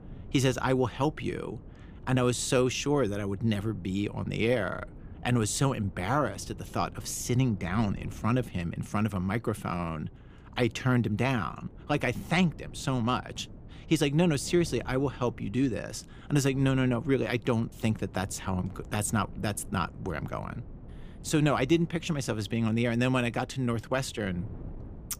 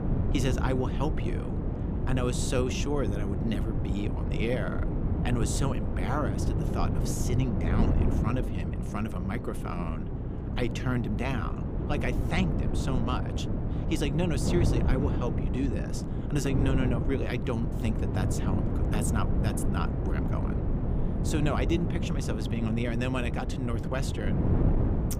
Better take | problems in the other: first | wind noise on the microphone; heavy; 3 dB below the speech; occasional gusts in the first

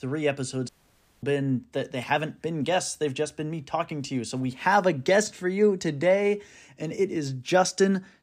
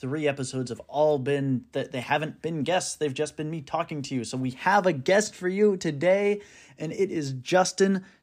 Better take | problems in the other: second | audio cutting out; at 0.5 s for 0.5 s

